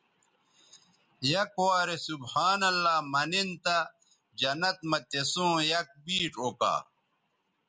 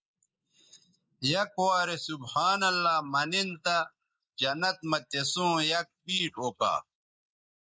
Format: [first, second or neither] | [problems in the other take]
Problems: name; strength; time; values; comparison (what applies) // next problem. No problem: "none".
first | noise reduction (neural mask model Resemble Enhance denoiser)